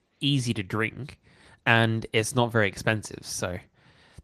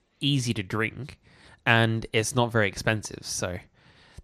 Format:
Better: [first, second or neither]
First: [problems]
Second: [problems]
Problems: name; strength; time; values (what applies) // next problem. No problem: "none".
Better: second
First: garbled, watery; slightly; nothing above 14 kHz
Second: none